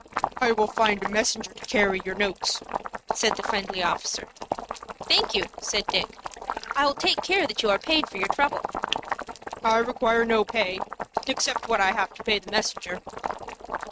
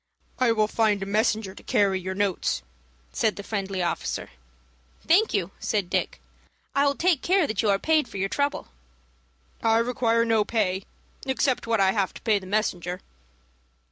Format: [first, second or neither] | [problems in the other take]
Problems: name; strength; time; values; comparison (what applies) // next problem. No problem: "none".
second | noise reduction (neural mask model RNNoise)